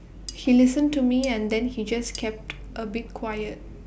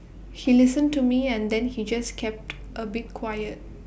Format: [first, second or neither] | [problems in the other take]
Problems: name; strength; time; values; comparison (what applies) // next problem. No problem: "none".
second | background sound (Cutlery, silverware); 19 dB below the speech